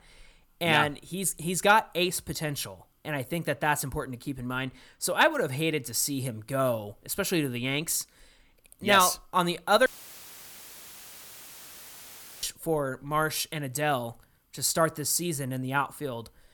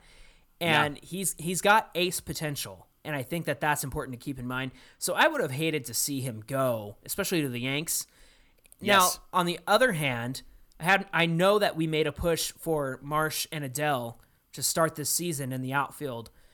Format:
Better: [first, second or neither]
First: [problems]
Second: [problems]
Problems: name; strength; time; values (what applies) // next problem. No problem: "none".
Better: second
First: audio cutting out; filled with static; at 10 s for 2.5 s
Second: none